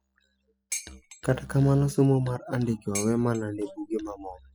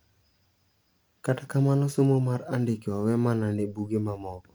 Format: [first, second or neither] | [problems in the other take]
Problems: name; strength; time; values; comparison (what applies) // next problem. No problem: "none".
second | noise reduction (classical method spectral subtraction)